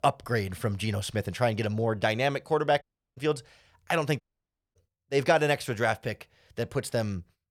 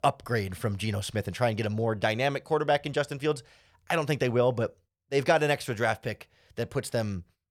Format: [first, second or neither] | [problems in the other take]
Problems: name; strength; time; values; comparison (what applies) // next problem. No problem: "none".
second | audio cutting out; at 3 s and at 4 s for 0.5 s